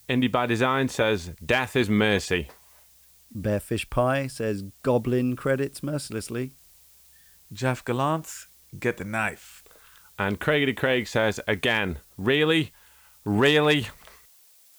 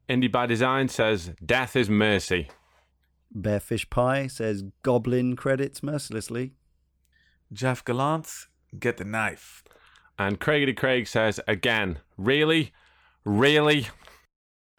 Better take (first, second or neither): second